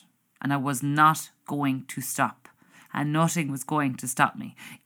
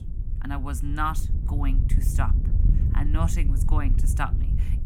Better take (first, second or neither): first